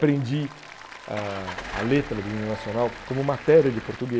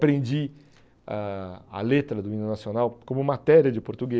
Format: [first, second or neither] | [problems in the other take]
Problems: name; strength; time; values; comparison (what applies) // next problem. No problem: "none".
second | background sound (Engine starting / Car + Applause); 13 dB below the speech